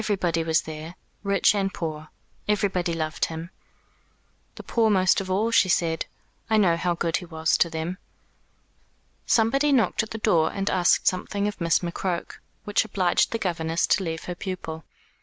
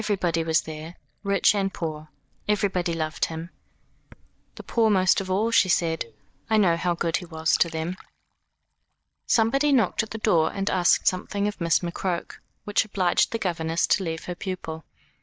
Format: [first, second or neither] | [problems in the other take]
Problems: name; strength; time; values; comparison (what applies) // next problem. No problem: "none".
first | noise reduction (neural mask model DeepFilterNet 3)